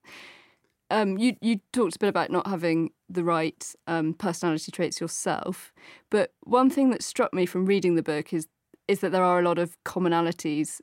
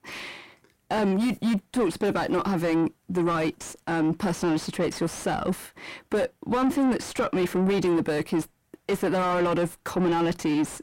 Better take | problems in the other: first | distortion; heavy; 6 dB below the speech

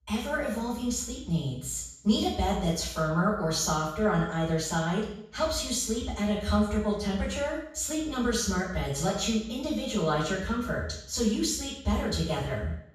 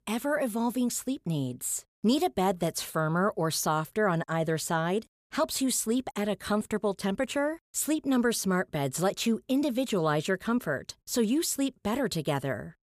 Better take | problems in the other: second | room echo; noticeable; dies away in 0.6 s // off-mic speech; far

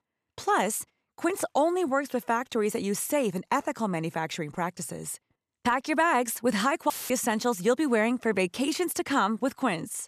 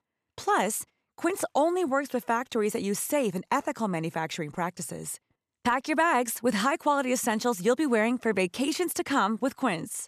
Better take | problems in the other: second | audio cutting out; filled with static; at 7 s

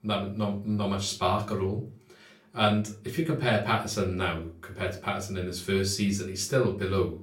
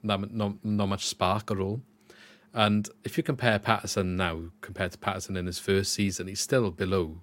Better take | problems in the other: second | off-mic speech; far // room echo; very slight; dies away in 0.3 s

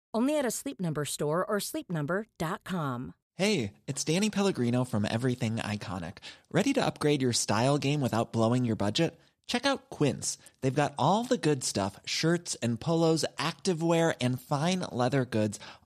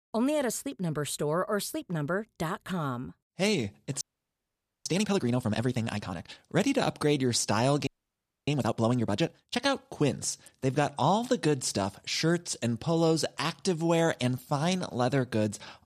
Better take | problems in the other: first | audio freezing; at 4 s for 1 s and at 8 s for 0.5 s

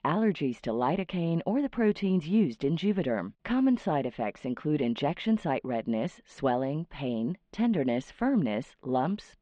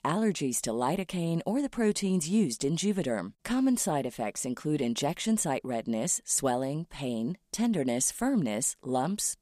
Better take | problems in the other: second | muffled; very; fading above 3 kHz

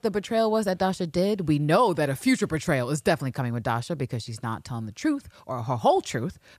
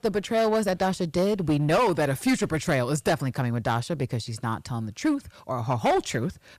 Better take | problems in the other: first | distortion; slight; 9% of the sound clipped

